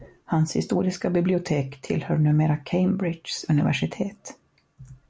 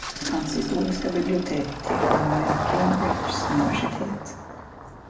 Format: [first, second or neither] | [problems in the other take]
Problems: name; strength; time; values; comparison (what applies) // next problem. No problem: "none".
first | background sound (Engine starting); as loud as the speech // room echo; dies away in 0.7 s